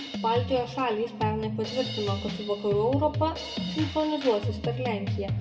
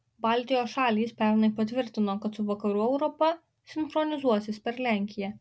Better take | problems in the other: second | background sound (Drum kit); 5 dB below the speech // room echo; dies away in 1.2 s

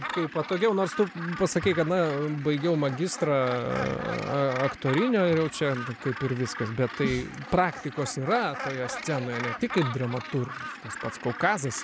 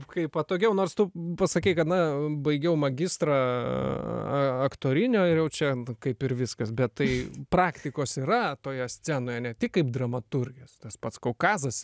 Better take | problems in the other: second | background sound (Gull, seagull); 10 dB below the speech

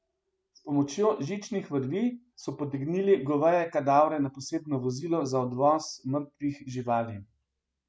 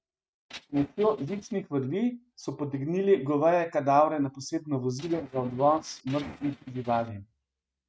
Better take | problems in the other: first | noise reduction (neural mask model RNNoise)

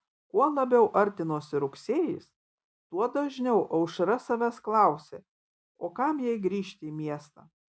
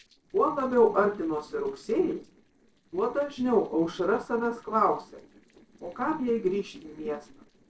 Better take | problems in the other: first | noise reduction (neural separator model SepFormer DNS4)

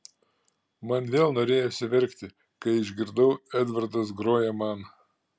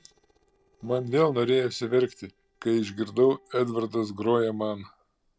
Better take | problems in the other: first | noise reduction (neural separator model SepFormer DNS4)

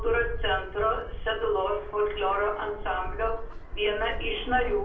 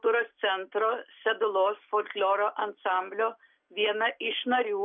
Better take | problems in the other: second | background sound (Fixed-wing aircraft, airplane); 6 dB below the speech // room echo; dies away in 0.6 s

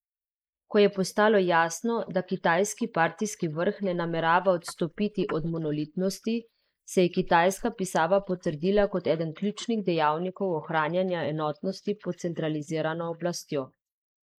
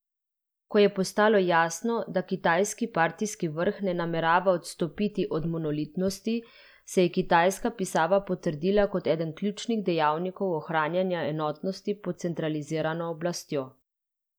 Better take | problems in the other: second | noise reduction (neural mask model Resemble Enhance denoiser)

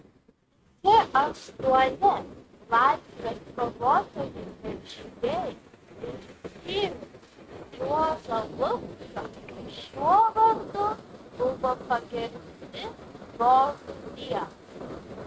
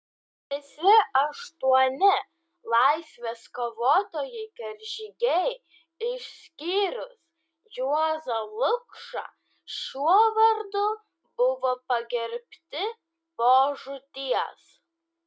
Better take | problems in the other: second | noise reduction (neural mask model RNNoise)

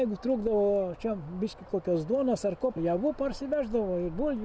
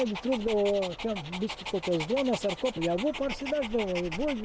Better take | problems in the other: first | background sound (Dog); 10 dB below the speech

